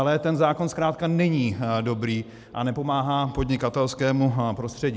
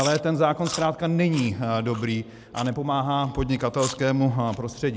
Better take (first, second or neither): first